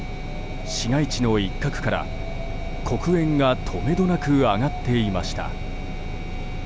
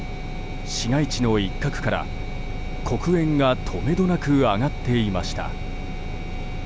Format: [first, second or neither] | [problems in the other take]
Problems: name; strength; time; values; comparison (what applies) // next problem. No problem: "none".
second | background sound (Wind); 19 dB below the speech